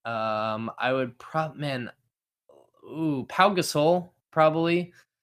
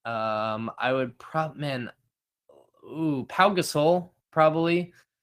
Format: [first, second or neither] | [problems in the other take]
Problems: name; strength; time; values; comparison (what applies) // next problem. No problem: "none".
first | garbled, watery; slightly; nothing above 15 kHz